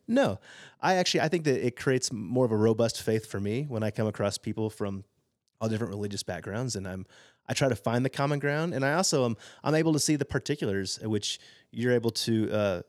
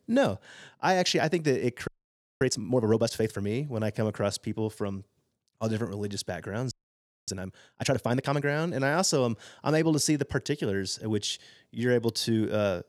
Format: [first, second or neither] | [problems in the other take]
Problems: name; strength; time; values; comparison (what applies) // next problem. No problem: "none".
first | audio freezing; at 2 s for 0.5 s and at 6.5 s for 0.5 s